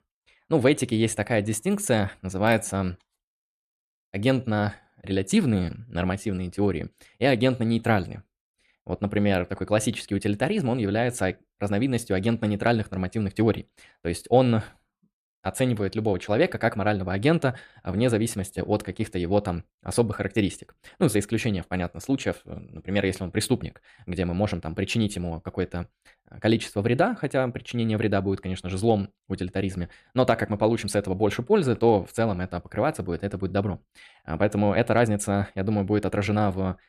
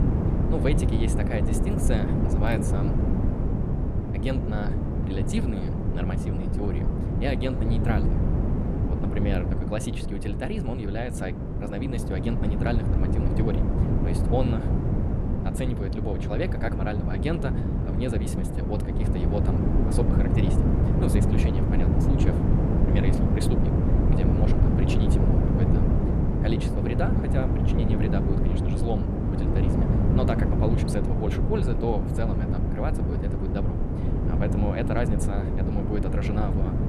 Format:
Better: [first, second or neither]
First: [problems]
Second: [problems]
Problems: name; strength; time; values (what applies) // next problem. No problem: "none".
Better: first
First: none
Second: wind noise on the microphone; heavy; 1 dB above the speech